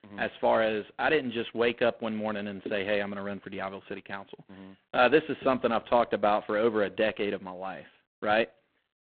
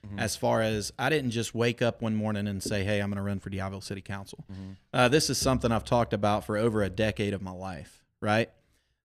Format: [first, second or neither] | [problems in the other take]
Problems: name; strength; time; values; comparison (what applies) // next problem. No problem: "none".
second | phone-call audio; poor line; nothing above 4 kHz